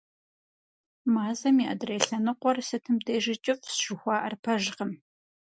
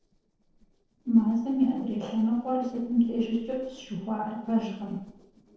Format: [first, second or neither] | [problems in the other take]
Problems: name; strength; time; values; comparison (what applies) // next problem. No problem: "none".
first | noise reduction (neural separator model SepFormer DNS4)